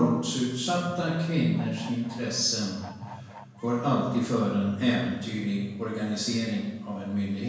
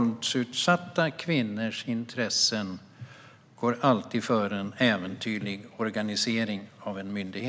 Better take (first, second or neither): second